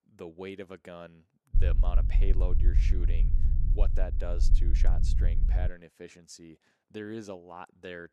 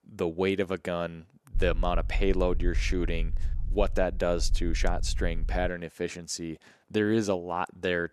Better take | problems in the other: second | low rumble; loud; from 1.5 to 5.5 s; 6 dB below the speech; faint in the second

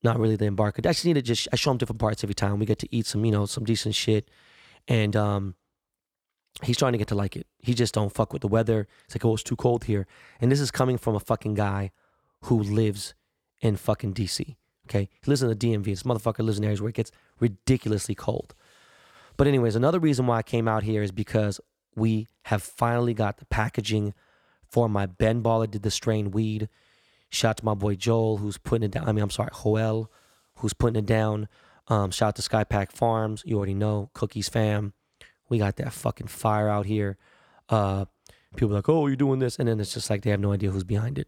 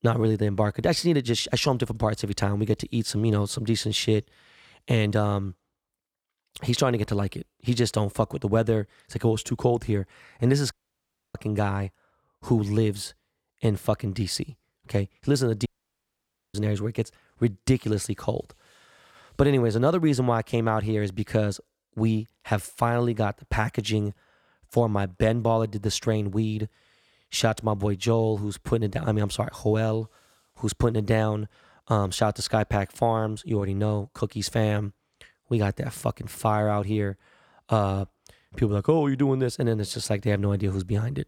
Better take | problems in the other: first | audio cutting out; at 11 s for 0.5 s and at 16 s for 1 s

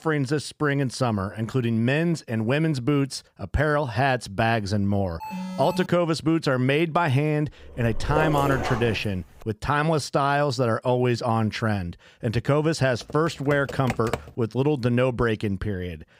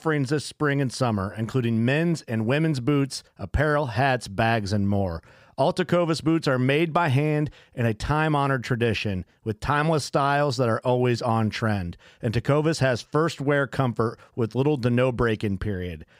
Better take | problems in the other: second | alarm; noticeable; at 5 s; peak 9 dB below the speech // dog barking; noticeable; from 8 to 9.5 s; peak 2 dB below the speech // keyboard typing; noticeable; from 13 to 14 s; peak 7 dB below the speech

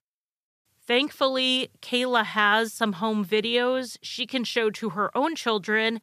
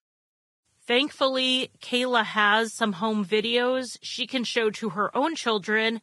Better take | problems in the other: first | garbled, watery; badly; nothing above 10.5 kHz

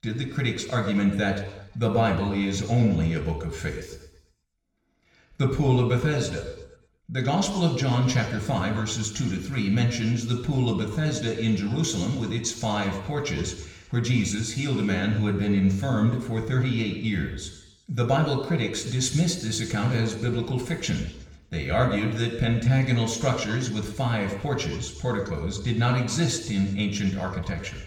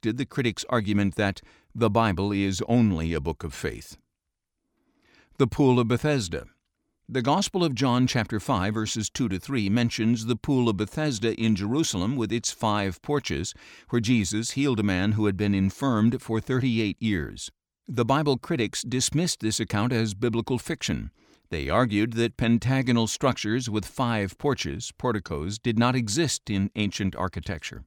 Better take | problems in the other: second | room echo; noticeable; dies away in 1 s // off-mic speech; somewhat distant

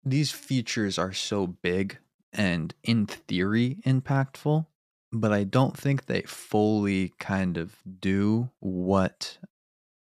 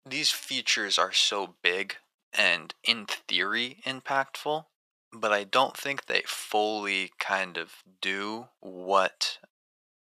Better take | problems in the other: first | thin; very; fading below 750 Hz

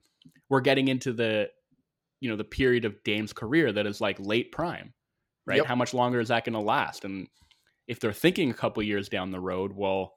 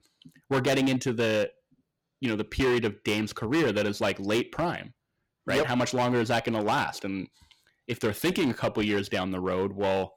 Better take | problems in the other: first | distortion; heavy; 10% of the sound clipped

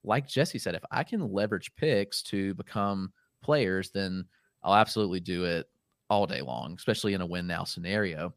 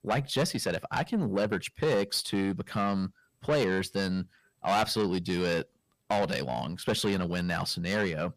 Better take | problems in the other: first | distortion; heavy; 7 dB below the speech

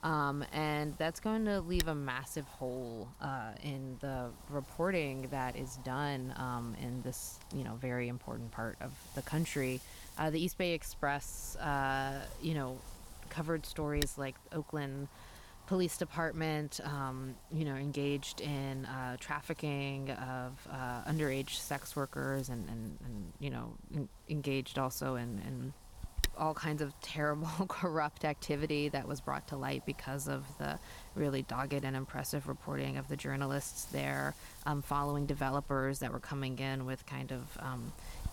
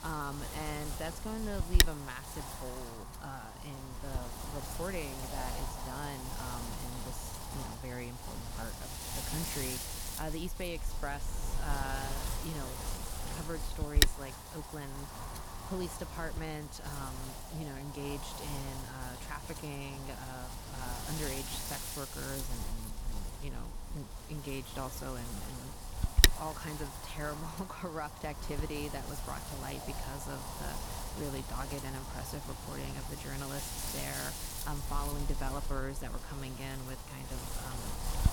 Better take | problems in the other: first | wind noise on the microphone; heavy; 3 dB above the speech; occasional gusts in the first

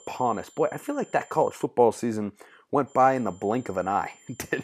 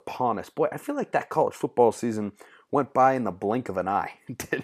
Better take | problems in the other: second | high-pitched whine; faint; until 1.5 s and from 3 s on; 7 kHz, 25 dB below the speech

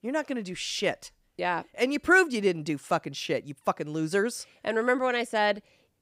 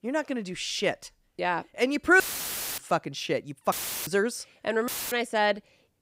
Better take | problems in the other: first | audio cutting out; filled with static; at 2 s for 0.5 s, at 3.5 s and at 5 s

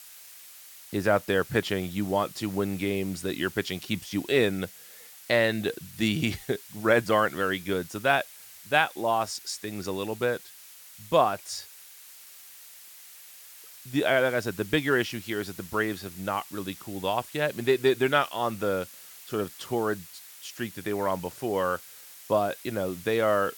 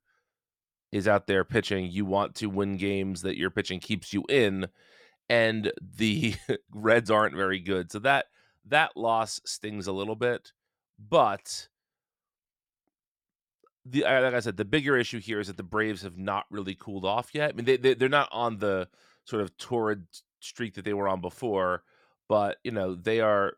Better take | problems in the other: second | hiss; noticeable; throughout; 15 dB below the speech

